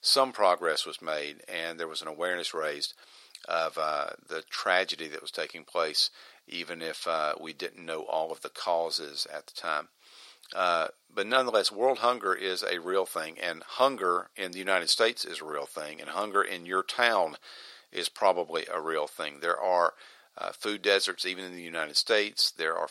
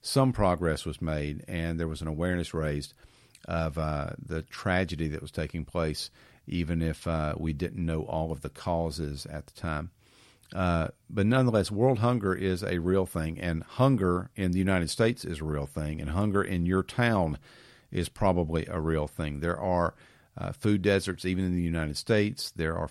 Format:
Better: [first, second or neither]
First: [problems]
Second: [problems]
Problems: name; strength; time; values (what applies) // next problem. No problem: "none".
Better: second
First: thin; very; fading below 500 Hz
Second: none